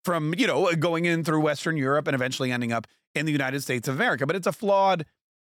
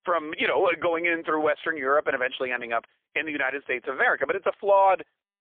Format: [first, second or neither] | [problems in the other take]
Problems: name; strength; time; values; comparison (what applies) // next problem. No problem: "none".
first | phone-call audio; poor line; nothing above 3.5 kHz